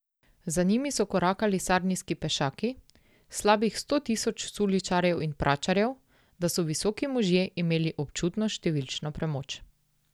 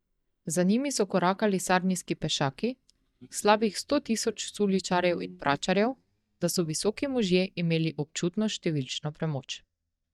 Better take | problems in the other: first | noise reduction (neural mask model DeepFilterNet 3)

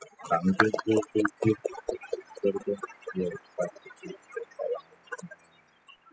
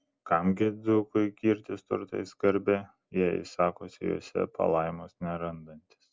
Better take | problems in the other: second | noise reduction (classical method spectral subtraction)

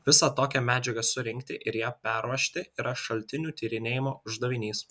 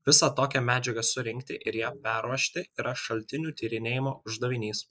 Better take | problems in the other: first | noise reduction (neural mask model Resemble Enhance denoiser)

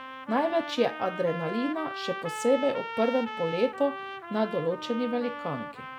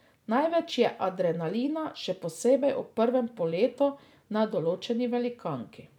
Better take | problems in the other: second | background sound (Trumpet); 9 dB below the speech

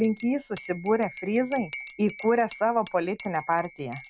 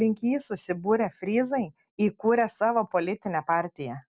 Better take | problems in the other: second | background sound (Cutlery, silverware / Dishes, pots, and pans / Chink, clink); 17 dB below the speech

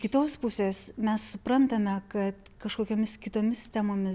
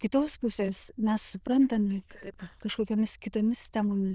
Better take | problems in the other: first | noise reduction (neural diffusion model UNIVERSE++)

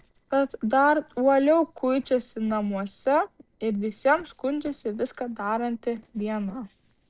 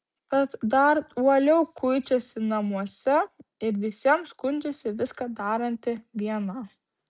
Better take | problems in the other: second | noise reduction (neural separator model SepFormer DNS4)

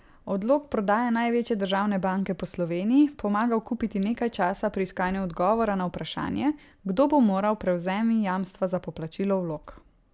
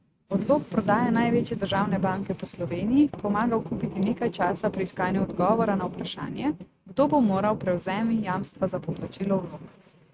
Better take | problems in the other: first | noise reduction (neural mask model RNNoise)

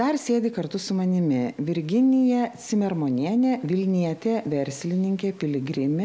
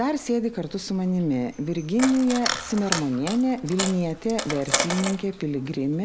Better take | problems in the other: first | background sound (Coin (dropping)); 7 dB below the speech

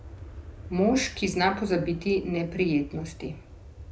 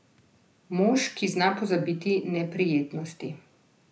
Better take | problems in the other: second | background sound (Aircraft); 15 dB below the speech

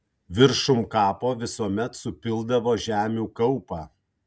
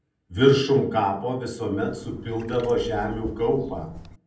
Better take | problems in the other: first | background sound (Trickle, dribble / Chirp, tweet); 16 dB below the speech // room echo; dies away in 0.6 s

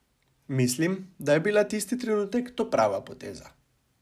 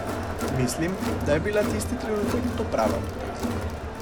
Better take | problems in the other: first | background sound (Crowd); as loud as the speech

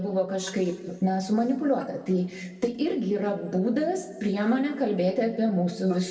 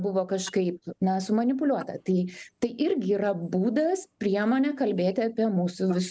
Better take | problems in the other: second | room echo; dies away in 1.5 s

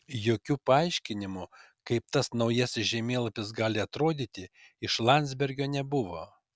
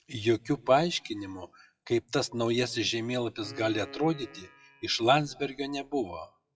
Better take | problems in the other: first | noise reduction (classical method WPE with log-MMSE)

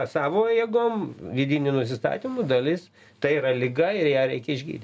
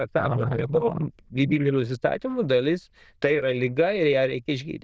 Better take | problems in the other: first | noise reduction (neural diffusion model UNIVERSE++)

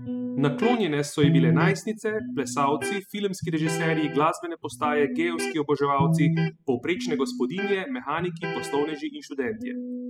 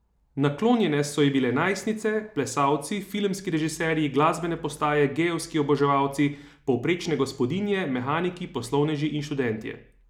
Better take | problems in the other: second | noise reduction (classical method spectral subtraction)

